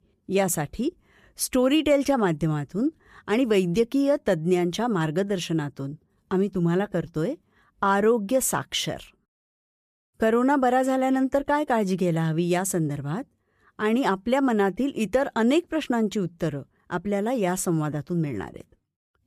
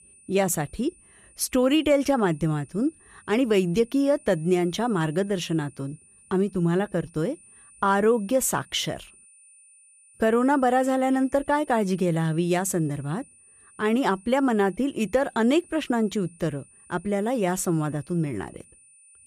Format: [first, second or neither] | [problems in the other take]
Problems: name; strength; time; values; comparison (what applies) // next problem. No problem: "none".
first | high-pitched whine; faint; throughout; 9.5 kHz, 25 dB below the speech